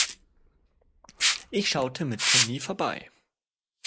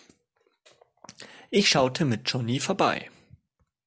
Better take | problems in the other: second | noise reduction (neural mask model Resemble Enhance denoiser)

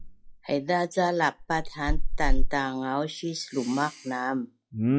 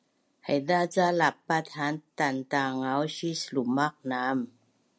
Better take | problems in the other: second | noise reduction (classical method log-MMSE)

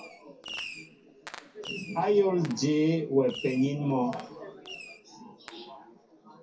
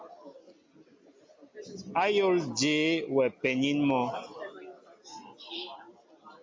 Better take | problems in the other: second | background sound (Fireworks); 16 dB below the speech // room echo; dies away in 0.3 s

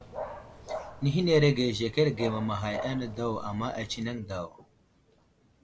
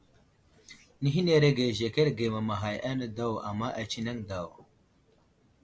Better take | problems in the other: second | background sound (Dog); 12 dB below the speech

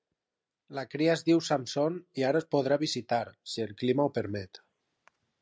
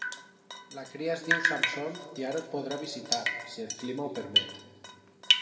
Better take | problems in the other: first | background sound (Drip); 4 dB above the speech // room echo; dies away in 1.7 s

